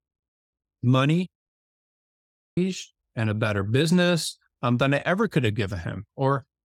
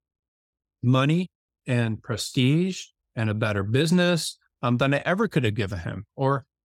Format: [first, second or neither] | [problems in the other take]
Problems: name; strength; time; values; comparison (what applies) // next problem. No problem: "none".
second | audio cutting out; at 1.5 s for 1 s